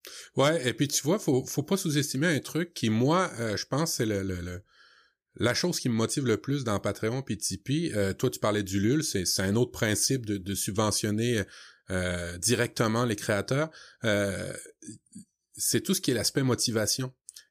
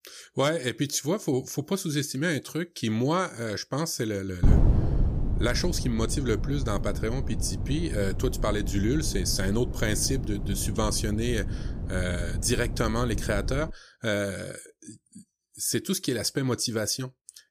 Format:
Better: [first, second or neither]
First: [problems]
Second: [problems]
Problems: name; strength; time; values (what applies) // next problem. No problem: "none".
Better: first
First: none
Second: wind noise on the microphone; occasional gusts; from 4.5 to 14 s; 10 dB below the speech